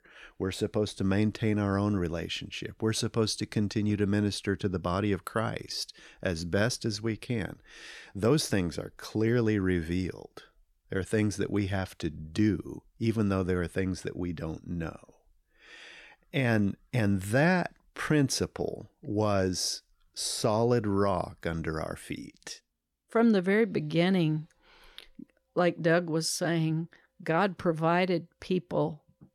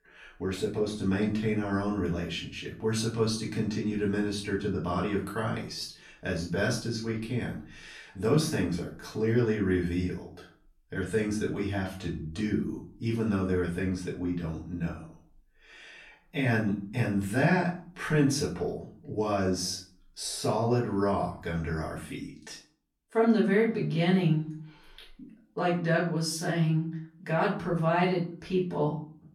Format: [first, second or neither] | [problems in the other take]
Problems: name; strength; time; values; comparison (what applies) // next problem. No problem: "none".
first | off-mic speech; far // room echo; slight; dies away in 0.4 s